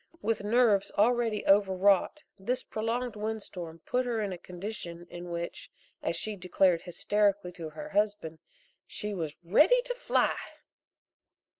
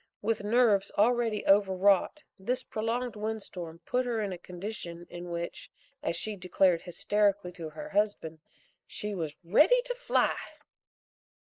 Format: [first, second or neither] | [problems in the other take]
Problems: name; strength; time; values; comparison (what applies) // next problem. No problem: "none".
first | noise reduction (neural mask model Resemble Enhance denoiser)